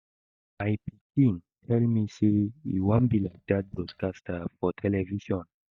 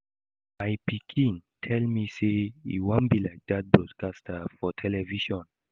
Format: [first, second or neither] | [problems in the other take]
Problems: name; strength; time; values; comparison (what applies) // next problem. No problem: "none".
second | noise reduction (neural mask model DeepFilterNet 3)